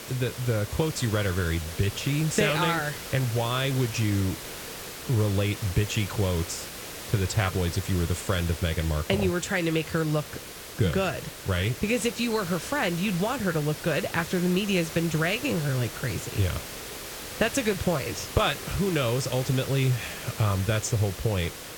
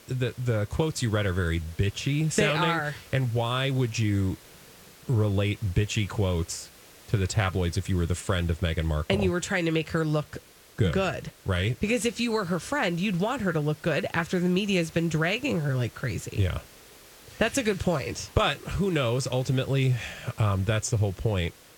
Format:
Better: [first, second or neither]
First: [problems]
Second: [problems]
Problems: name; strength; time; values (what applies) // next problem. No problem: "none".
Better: second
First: hiss; loud; throughout; 10 dB below the speech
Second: hiss; faint; throughout; 20 dB below the speech